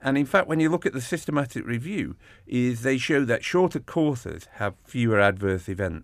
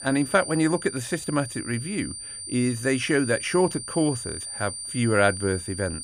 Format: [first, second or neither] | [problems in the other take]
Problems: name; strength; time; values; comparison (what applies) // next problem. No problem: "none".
first | high-pitched whine; loud; throughout; 9 kHz, 8 dB below the speech